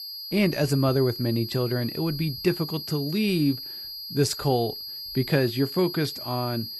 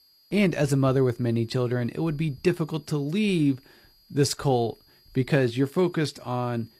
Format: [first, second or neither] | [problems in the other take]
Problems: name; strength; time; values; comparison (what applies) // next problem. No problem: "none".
second | high-pitched whine; loud; throughout; 5 kHz, 8 dB below the speech; faint in the second